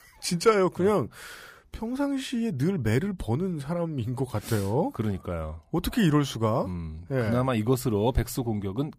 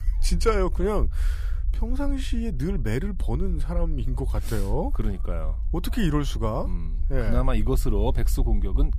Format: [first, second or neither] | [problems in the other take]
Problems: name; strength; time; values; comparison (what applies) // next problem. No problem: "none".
first | low rumble; faint; throughout; 20 dB below the speech